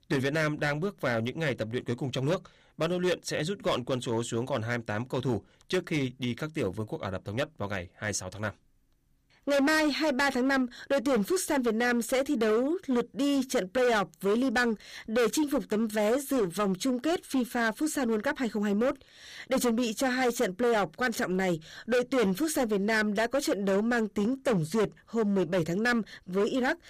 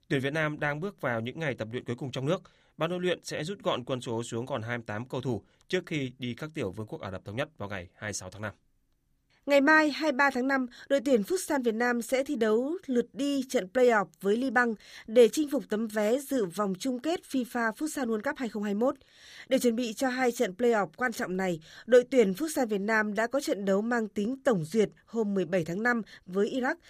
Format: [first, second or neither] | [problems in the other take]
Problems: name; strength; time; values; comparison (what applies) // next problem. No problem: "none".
second | distortion; heavy; 12% of the sound clipped